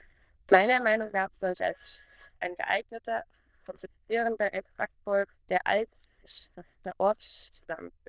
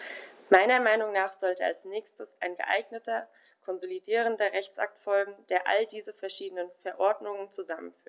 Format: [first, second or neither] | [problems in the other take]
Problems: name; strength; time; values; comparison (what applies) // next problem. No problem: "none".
second | noise reduction (neural diffusion model UNIVERSE++)